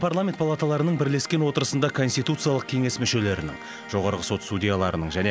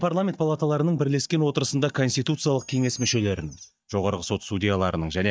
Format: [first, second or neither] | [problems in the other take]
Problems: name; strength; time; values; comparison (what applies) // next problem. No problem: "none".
first | noise reduction (neural mask model DeepFilterNet 3)